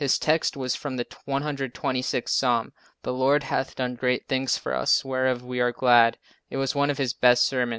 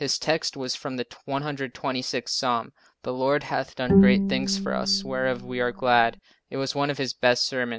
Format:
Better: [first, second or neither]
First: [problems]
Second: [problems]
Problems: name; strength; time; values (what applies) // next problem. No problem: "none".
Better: first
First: none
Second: background sound (Bowed string instrument); 2 dB above the speech